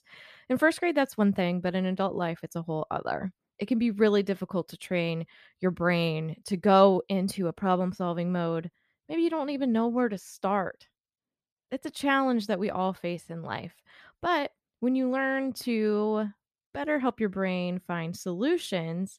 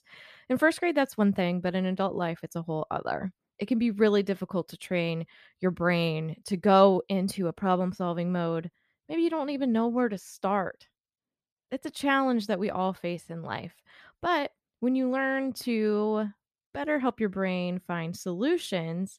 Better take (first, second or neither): neither